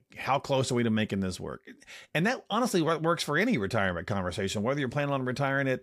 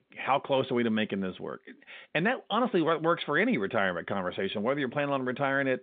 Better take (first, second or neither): first